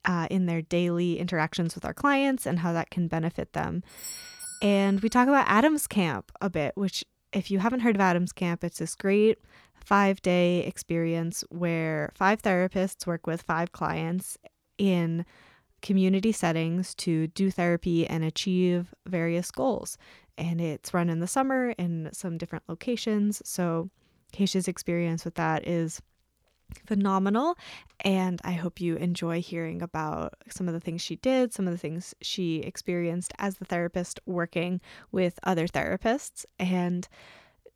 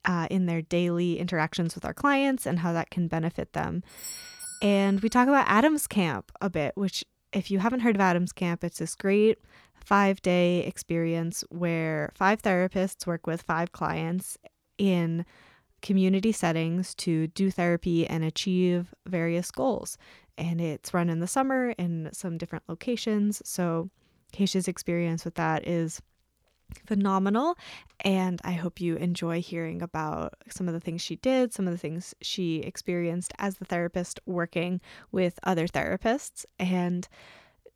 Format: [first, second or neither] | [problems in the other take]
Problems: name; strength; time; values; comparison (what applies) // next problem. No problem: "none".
neither | doorbell; noticeable; from 4 to 5 s; peak 10 dB below the speech; the same in both